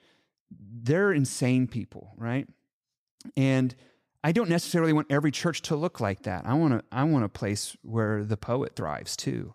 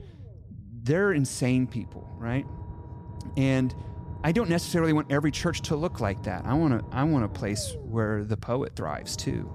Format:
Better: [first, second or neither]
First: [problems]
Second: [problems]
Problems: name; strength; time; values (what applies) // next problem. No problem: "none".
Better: first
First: none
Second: low rumble; noticeable; throughout; 20 dB below the speech